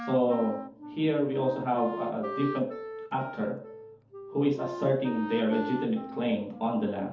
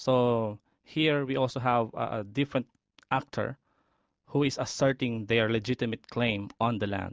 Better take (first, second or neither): second